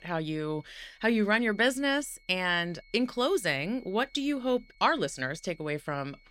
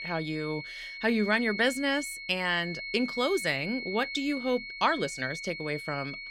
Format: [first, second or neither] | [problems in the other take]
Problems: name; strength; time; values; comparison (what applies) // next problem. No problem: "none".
first | high-pitched whine; loud; throughout; 2 kHz, 7 dB below the speech; faint in the first